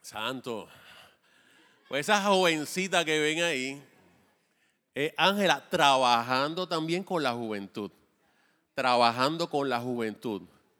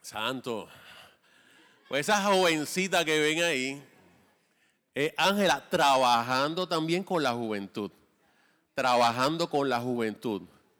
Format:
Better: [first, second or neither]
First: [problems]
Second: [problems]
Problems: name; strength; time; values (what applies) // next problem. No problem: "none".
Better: first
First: none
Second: distortion; slight; 1.8% of the sound clipped